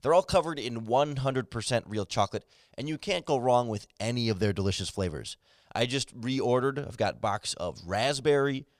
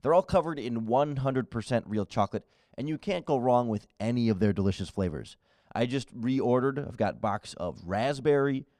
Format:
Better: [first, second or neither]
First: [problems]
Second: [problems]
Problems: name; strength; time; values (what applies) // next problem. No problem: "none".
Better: first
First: none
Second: muffled; slightly; fading above 2.5 kHz